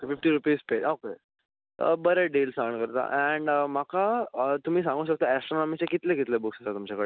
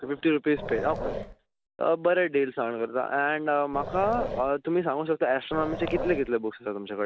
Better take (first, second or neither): first